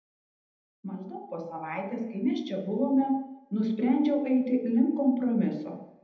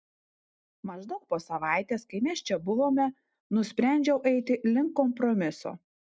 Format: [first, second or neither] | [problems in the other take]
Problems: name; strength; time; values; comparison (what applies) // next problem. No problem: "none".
second | room echo; dies away in 0.8 s